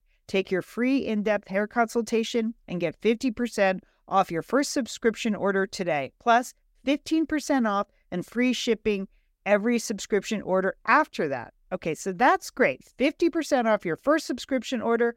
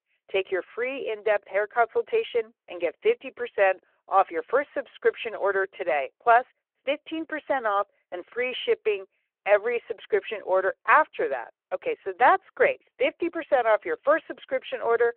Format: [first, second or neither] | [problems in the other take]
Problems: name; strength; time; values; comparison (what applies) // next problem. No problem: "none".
first | phone-call audio